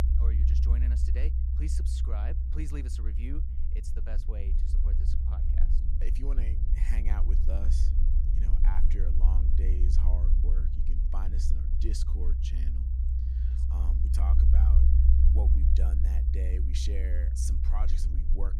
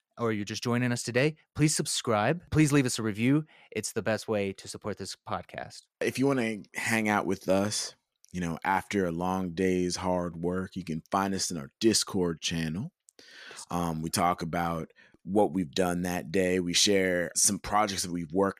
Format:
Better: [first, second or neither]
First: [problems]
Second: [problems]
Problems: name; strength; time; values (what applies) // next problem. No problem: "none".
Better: second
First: low rumble; loud; throughout; as loud as the speech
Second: none